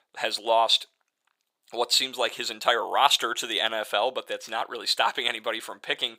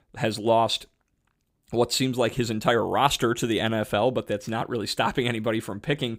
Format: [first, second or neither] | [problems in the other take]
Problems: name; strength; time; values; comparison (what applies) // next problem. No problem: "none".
second | thin; very; fading below 750 Hz